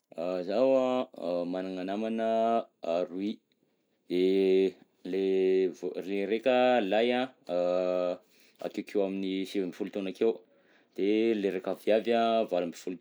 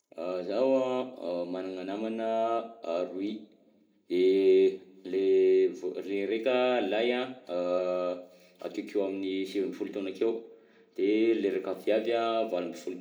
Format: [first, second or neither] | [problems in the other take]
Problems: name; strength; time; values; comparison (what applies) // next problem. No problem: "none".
first | room echo; dies away in 0.6 s